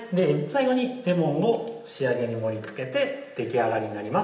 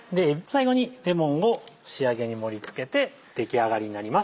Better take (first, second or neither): second